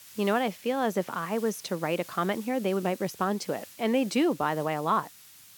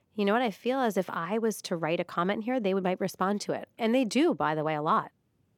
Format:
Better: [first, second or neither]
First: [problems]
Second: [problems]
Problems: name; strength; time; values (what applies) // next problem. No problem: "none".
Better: second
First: hiss; noticeable; throughout; 20 dB below the speech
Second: none